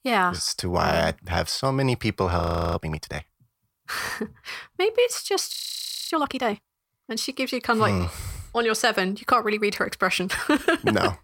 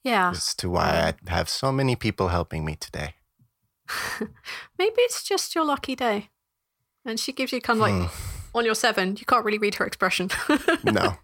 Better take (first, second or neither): second